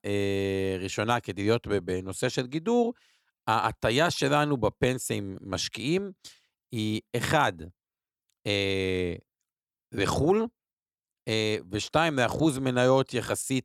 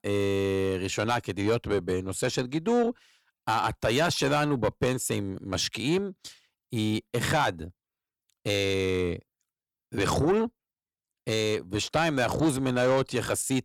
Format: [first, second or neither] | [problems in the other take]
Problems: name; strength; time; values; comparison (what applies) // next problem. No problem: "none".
first | distortion; slight; 10 dB below the speech